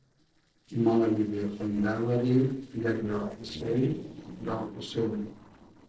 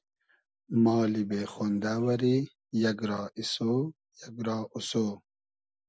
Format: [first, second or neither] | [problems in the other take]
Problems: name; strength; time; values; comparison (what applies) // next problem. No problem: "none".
second | noise reduction (neural separator model SepFormer DNS4)